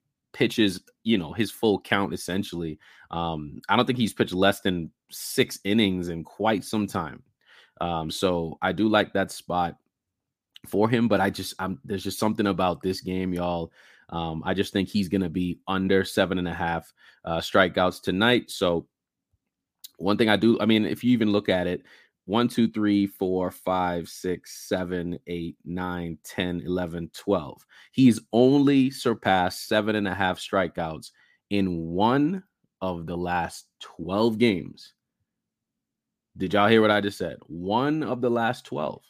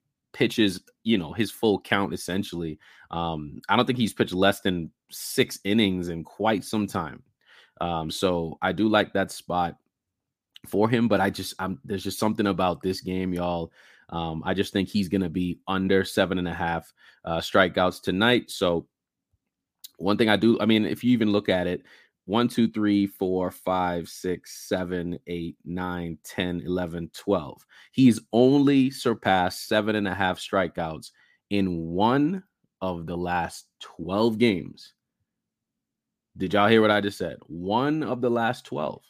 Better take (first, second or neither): neither